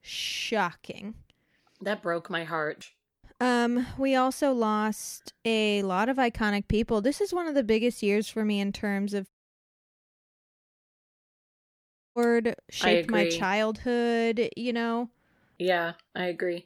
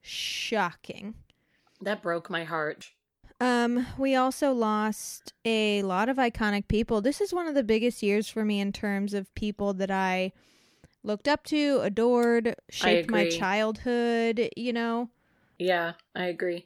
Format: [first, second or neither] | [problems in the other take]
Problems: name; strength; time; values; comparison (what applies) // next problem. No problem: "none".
second | audio cutting out; at 9.5 s for 3 s